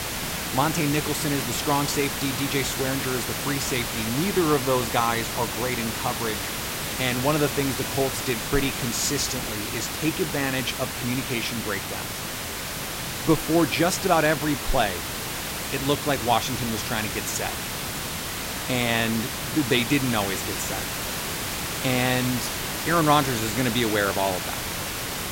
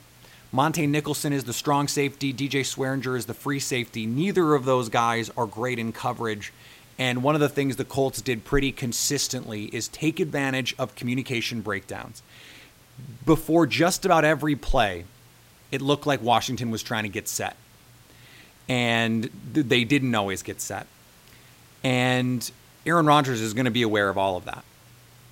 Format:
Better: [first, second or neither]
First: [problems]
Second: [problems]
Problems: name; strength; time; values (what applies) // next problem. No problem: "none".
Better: second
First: hiss; loud; throughout; 3 dB below the speech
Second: hiss; faint; throughout; 30 dB below the speech